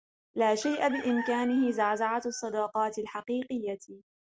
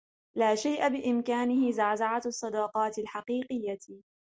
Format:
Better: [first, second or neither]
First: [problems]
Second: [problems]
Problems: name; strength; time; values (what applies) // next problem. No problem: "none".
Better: second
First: background sound (Chicken, rooster); 14 dB below the speech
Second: none